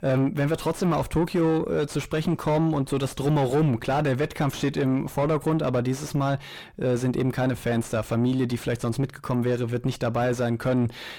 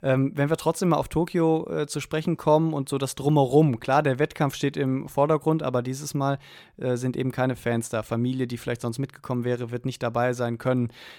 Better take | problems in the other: second | distortion; heavy; 6 dB below the speech

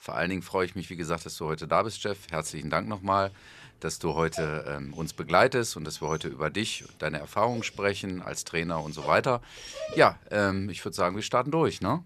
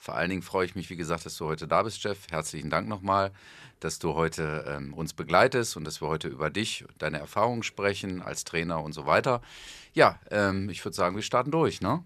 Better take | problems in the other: second | dog barking; noticeable; from 4 to 10 s; peak 9 dB below the speech

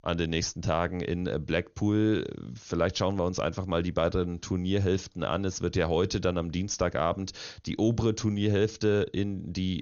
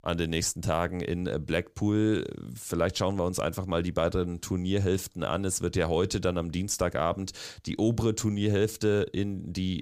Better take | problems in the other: second | garbled, watery; slightly; nothing above 6.5 kHz

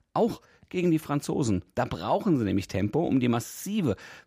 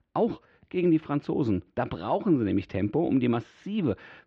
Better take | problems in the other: first | muffled; very; fading above 3.5 kHz

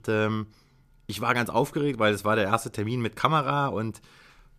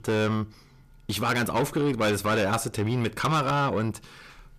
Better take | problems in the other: first | distortion; heavy; 7 dB below the speech

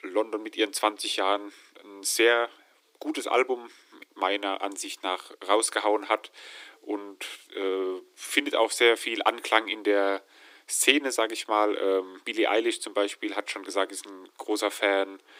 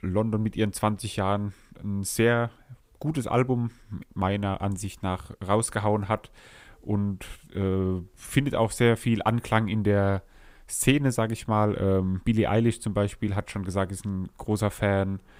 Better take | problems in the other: second | thin; very; fading below 300 Hz

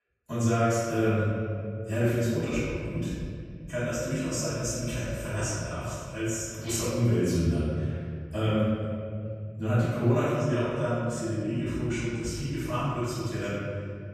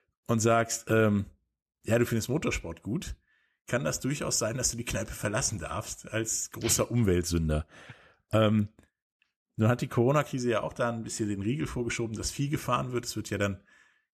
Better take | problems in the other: second | off-mic speech; far // room echo; strong; dies away in 2.5 s

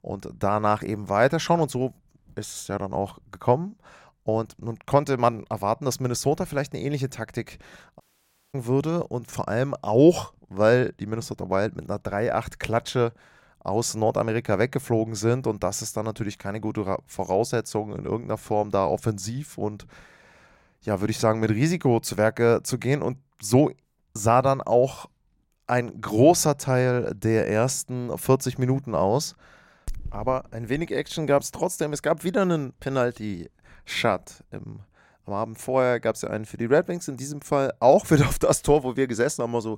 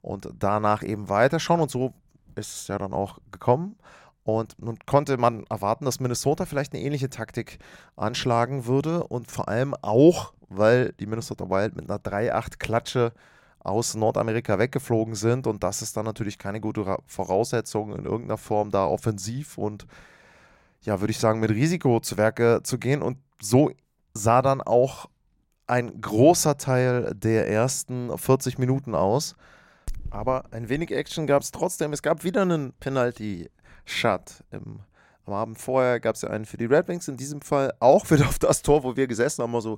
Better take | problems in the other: second | audio cutting out; at 8 s for 0.5 s

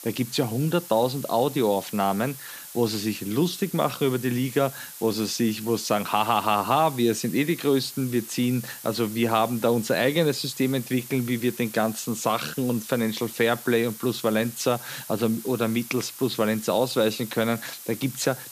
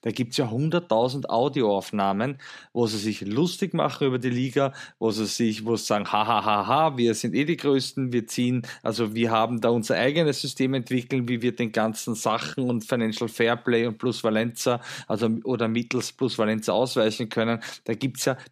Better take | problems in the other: second | hiss; noticeable; throughout; 15 dB below the speech

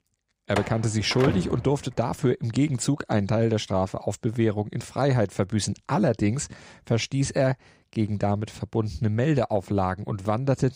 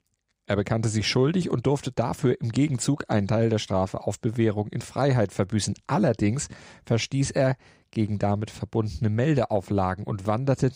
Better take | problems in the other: second | door banging; noticeable; from 0.5 to 1.5 s; peak 3 dB below the speech

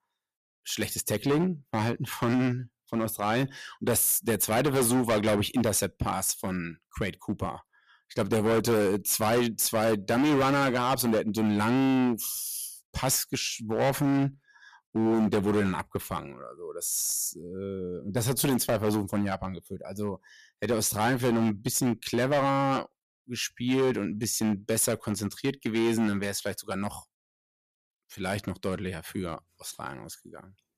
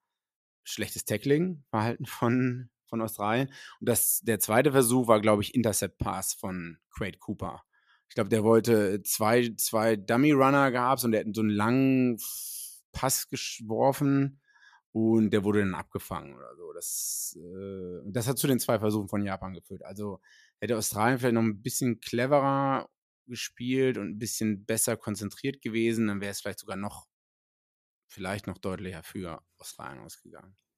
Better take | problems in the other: second | distortion; heavy; 11% of the sound clipped

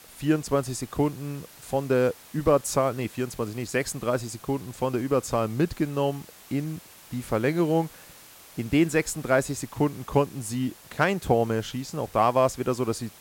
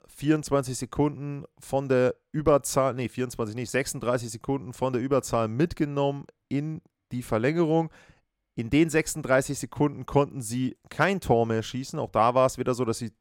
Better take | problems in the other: second | hiss; faint; throughout; 20 dB below the speech

